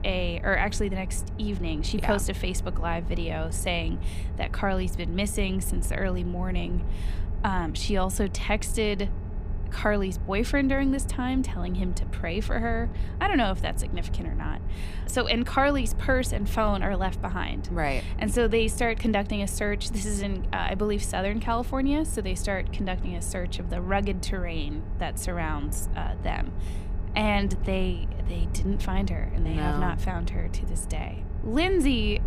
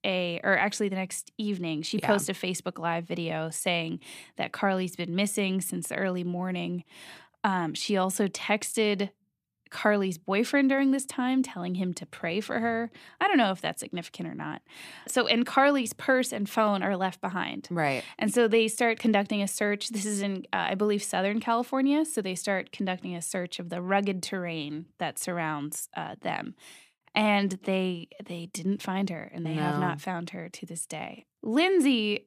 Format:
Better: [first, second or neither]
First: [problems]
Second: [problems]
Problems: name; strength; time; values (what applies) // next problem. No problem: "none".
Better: second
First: low rumble; noticeable; throughout; 15 dB below the speech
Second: none